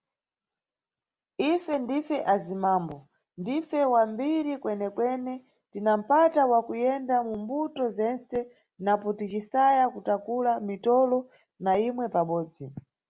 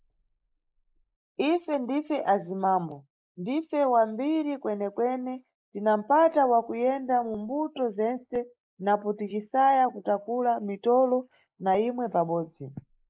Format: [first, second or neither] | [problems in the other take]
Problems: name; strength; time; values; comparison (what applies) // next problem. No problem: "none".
first | noise reduction (neural mask model Resemble Enhance denoiser)